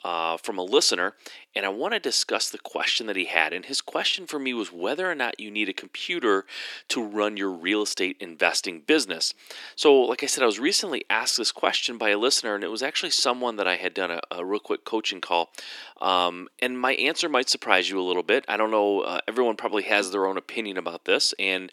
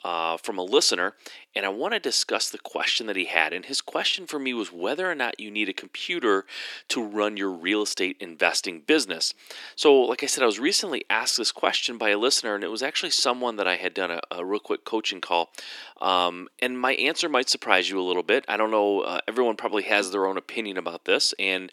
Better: neither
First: thin; somewhat; fading below 300 Hz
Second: thin; somewhat; fading below 300 Hz

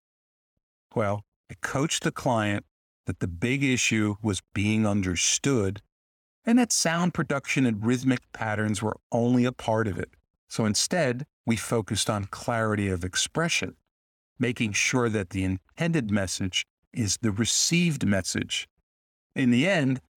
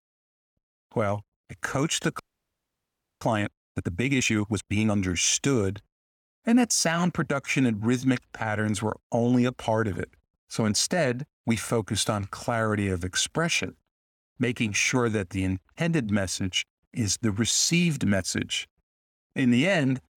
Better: first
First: none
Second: audio freezing; at 2 s for 1 s

